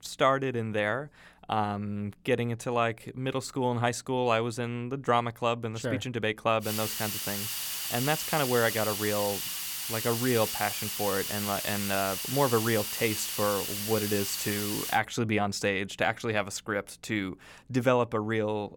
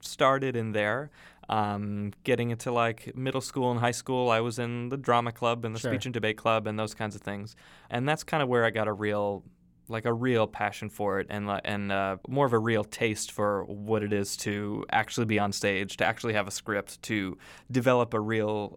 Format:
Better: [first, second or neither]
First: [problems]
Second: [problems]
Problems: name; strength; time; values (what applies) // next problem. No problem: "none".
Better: second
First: hiss; loud; from 6.5 to 15 s; 2 dB below the speech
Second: none